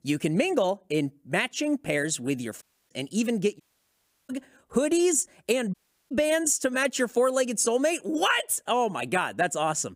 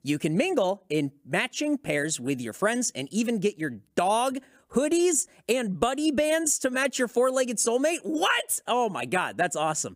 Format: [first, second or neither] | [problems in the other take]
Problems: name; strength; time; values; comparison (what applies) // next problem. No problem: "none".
second | audio cutting out; at 2.5 s, at 3.5 s for 0.5 s and at 5.5 s